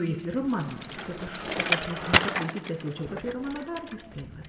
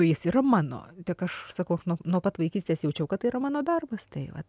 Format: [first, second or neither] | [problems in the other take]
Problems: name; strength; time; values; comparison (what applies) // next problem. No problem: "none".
second | background sound (Bicycle); 1 dB above the speech // room echo; dies away in 0.8 s